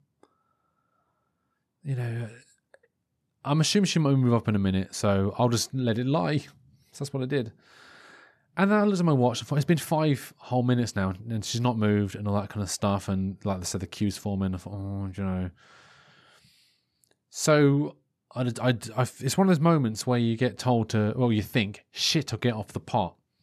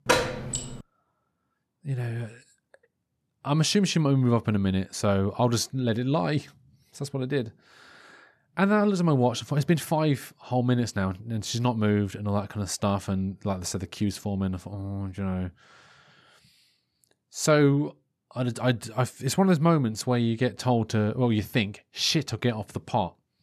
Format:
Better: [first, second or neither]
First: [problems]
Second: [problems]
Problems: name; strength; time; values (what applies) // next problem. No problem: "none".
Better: first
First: none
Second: door banging; loud; at the start; peak 2 dB above the speech